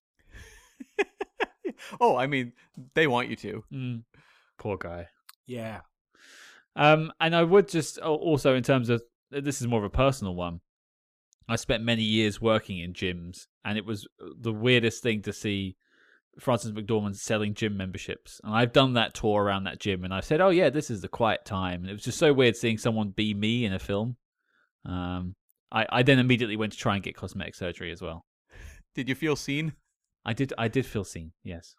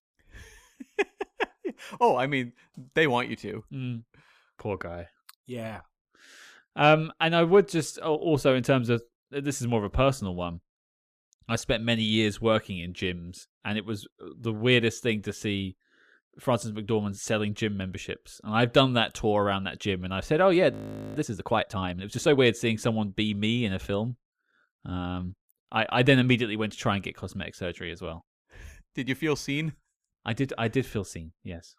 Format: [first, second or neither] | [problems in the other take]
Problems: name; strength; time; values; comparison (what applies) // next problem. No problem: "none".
first | audio freezing; at 21 s